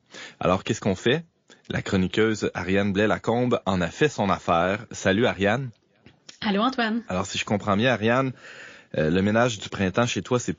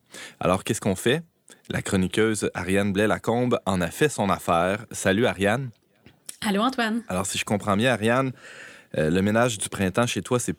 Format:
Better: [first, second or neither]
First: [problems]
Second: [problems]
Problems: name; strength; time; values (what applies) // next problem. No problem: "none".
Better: second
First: garbled, watery; slightly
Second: none